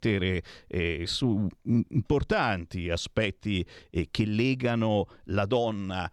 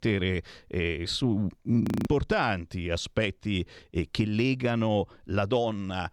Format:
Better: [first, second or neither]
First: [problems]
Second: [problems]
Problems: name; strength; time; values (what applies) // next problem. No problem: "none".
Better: first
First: none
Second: audio freezing; at 2 s